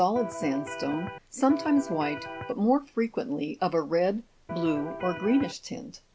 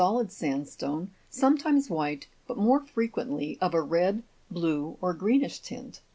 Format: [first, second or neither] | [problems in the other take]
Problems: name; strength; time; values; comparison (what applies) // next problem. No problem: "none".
second | background sound (Electric guitar); 9 dB below the speech